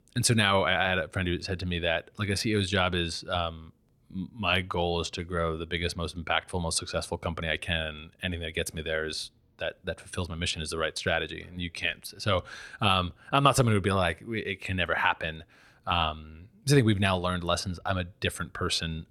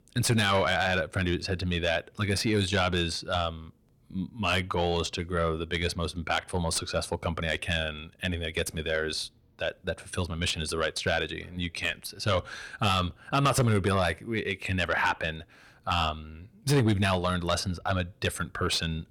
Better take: first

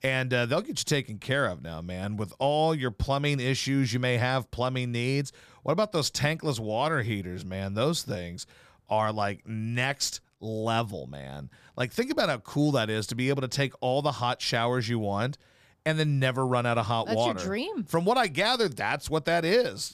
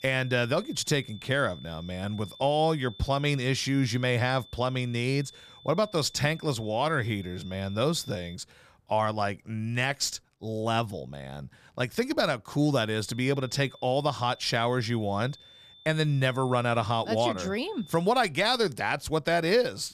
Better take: first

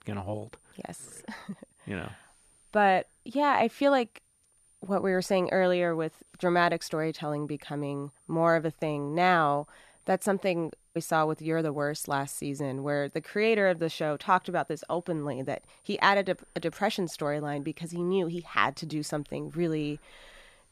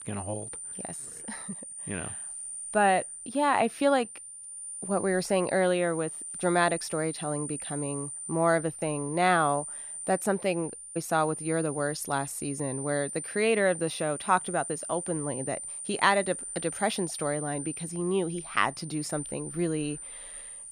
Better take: first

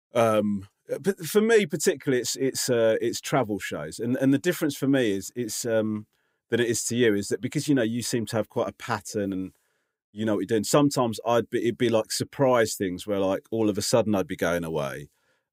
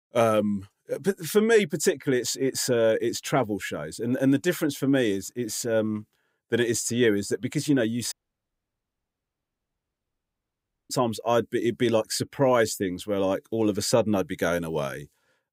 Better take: first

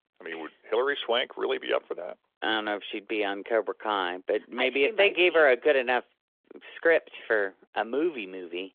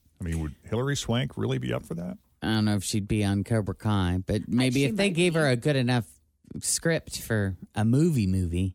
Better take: second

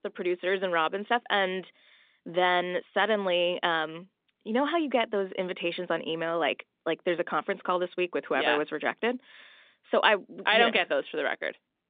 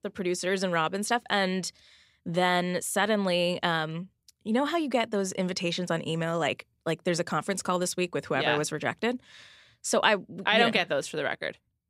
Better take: second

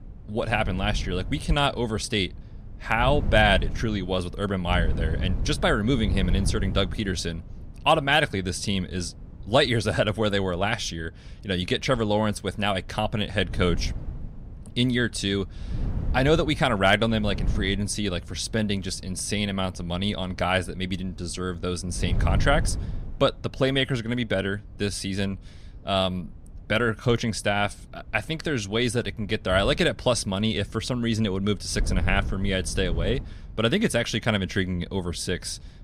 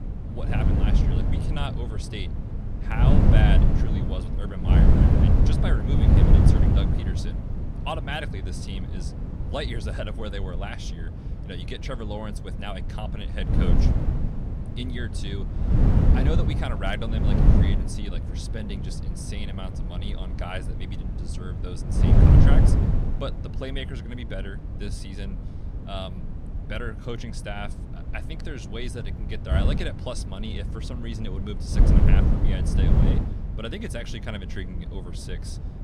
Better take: first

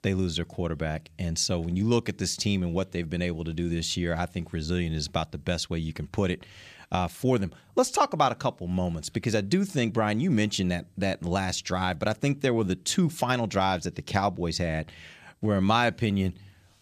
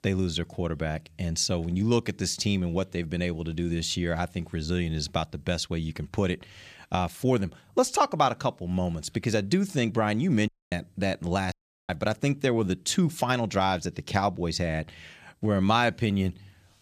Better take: first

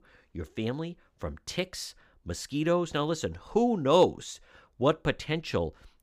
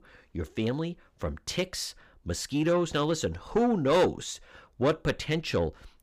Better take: first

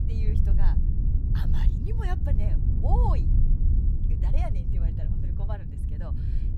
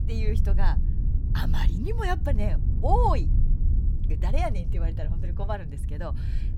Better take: second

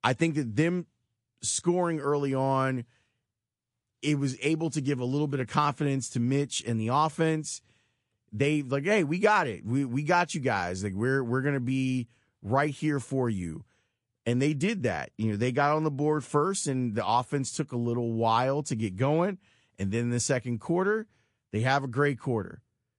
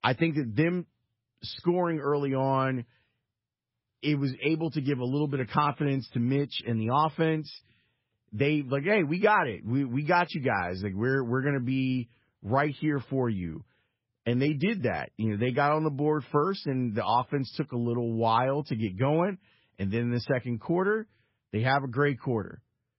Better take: first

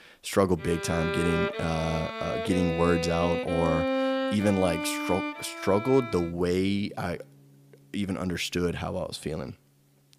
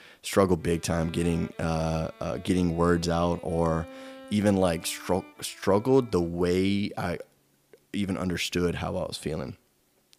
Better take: second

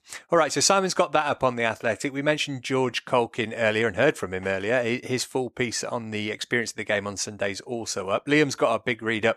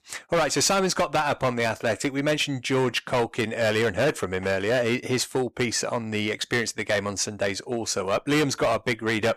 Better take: first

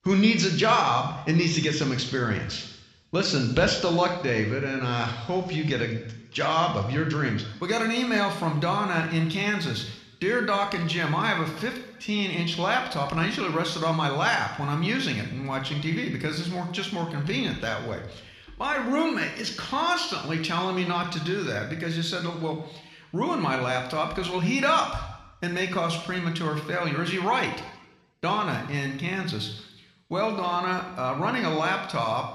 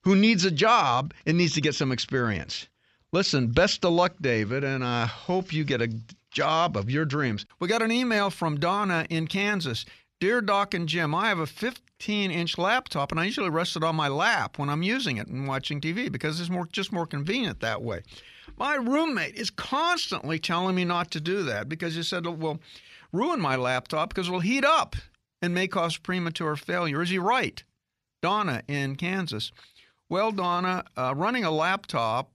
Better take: second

